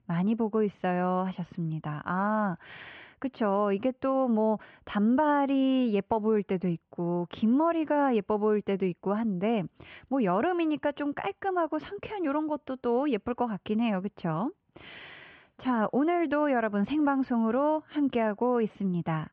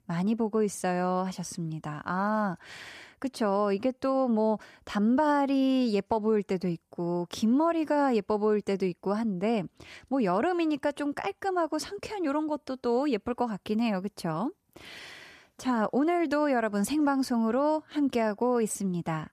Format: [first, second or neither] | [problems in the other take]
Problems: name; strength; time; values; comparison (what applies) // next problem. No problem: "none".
second | muffled; very; fading above 3 kHz